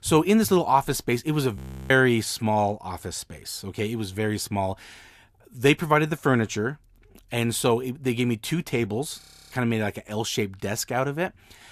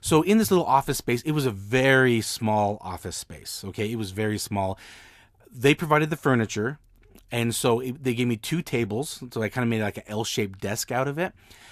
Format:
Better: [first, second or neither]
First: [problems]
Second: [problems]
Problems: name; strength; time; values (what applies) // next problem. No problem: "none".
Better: second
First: audio freezing; at 1.5 s and at 9 s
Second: none